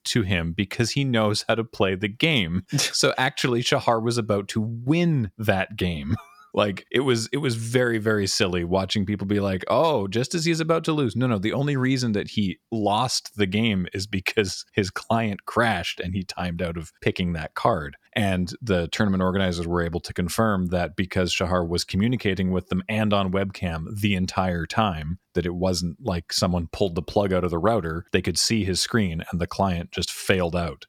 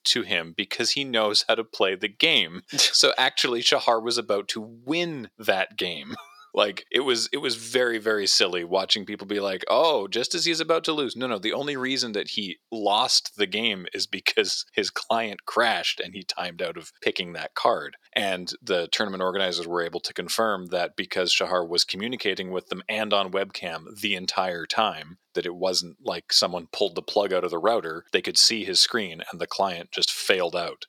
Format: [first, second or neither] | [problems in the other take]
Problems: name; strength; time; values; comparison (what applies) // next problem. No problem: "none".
first | thin; somewhat; fading below 400 Hz